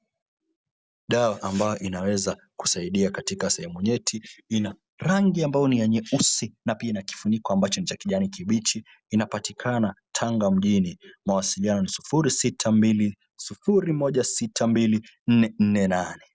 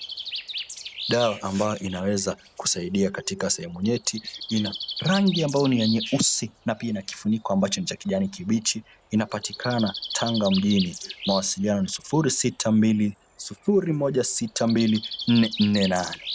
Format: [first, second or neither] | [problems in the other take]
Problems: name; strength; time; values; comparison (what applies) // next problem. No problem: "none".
first | background sound (Bird); 13 dB below the speech